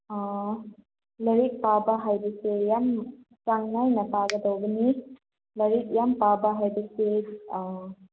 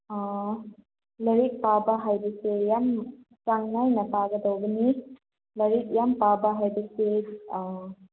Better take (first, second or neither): second